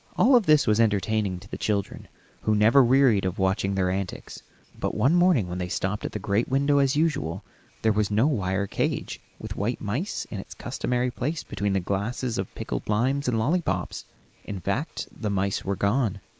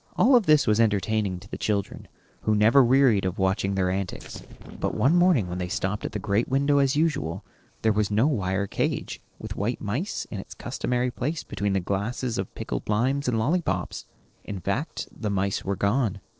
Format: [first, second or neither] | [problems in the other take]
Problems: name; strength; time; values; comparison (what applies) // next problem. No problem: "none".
first | noise reduction (neural separator model SepFormer DNS4)